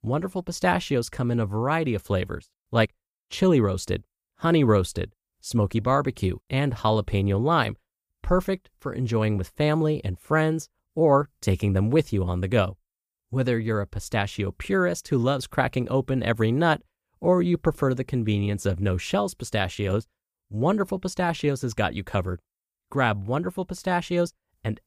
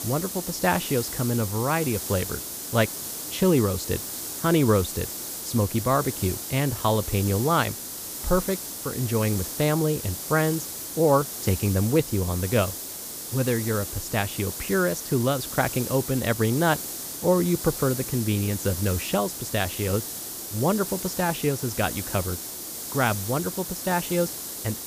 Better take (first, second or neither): first